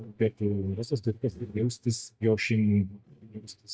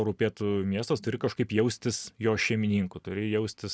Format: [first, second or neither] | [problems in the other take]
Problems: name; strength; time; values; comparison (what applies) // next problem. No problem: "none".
second | noise reduction (neural mask model DeepFilterNet 3)